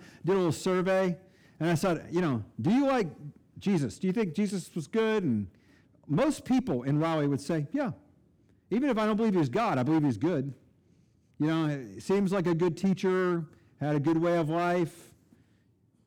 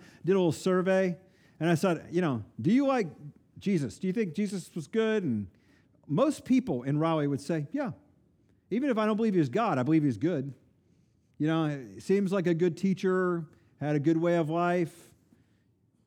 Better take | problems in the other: second | distortion; slight; 8% of the sound clipped

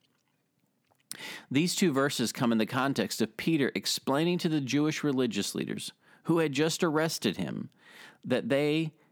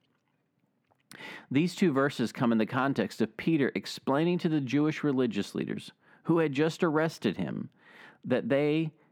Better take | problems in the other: first | muffled; slightly; fading above 3.5 kHz

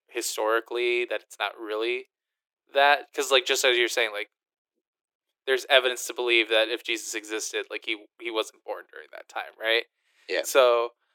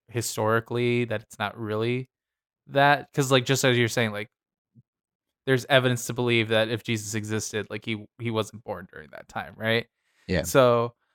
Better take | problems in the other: second | thin; very; fading below 350 Hz

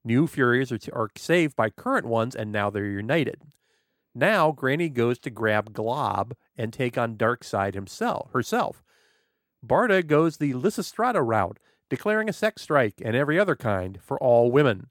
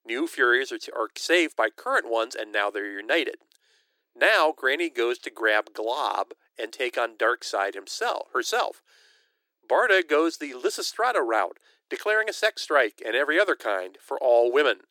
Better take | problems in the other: first | thin; very; fading below 350 Hz

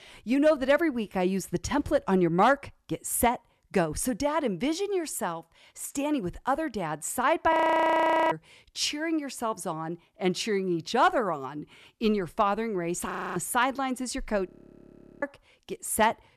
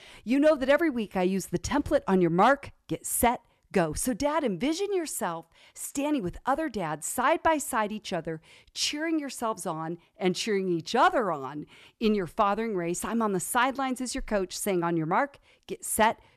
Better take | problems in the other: second | audio freezing; at 7.5 s for 1 s, at 13 s and at 14 s for 0.5 s

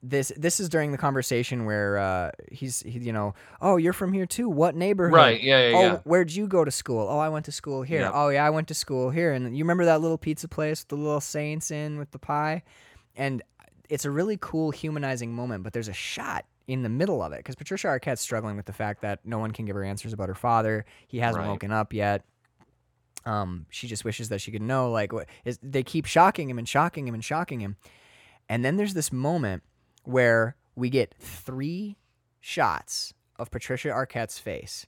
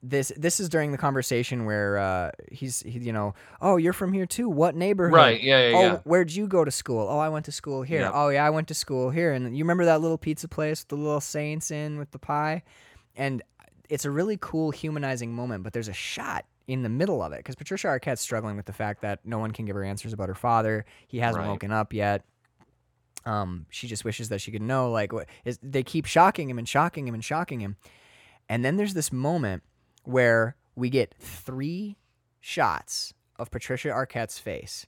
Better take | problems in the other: neither | none

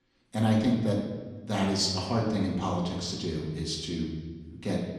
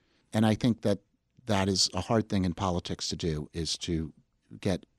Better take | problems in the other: second | off-mic speech; far // room echo; noticeable; dies away in 1.2 s

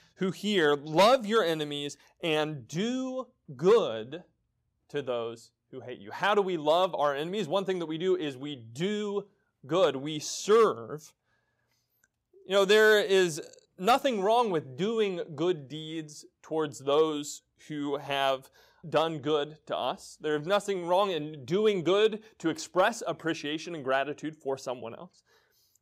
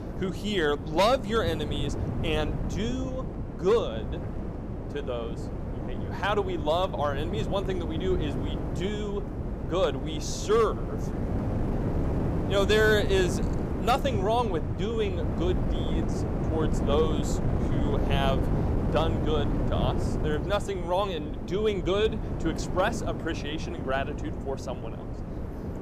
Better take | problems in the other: first | wind noise on the microphone; heavy; 8 dB below the speech

